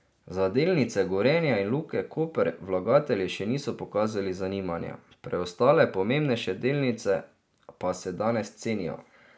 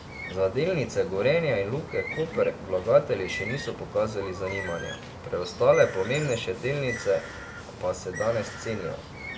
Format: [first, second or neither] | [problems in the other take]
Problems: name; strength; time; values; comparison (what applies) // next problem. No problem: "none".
first | background sound (Bird); 11 dB below the speech // room echo; dies away in 0.8 s